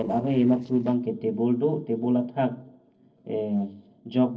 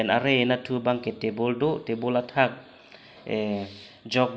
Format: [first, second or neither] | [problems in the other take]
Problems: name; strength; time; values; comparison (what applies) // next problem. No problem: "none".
second | noise reduction (neural separator model SepFormer DNS4)